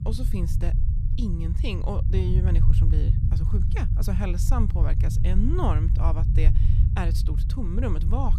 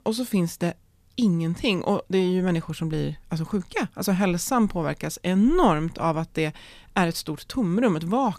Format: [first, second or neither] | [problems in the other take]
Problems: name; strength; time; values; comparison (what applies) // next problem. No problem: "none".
second | low rumble; loud; throughout; 5 dB below the speech